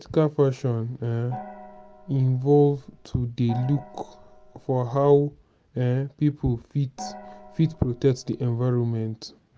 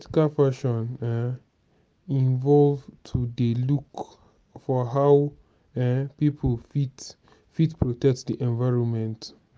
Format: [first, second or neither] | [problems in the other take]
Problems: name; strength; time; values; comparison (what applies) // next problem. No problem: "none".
second | background sound (Gong); 18 dB below the speech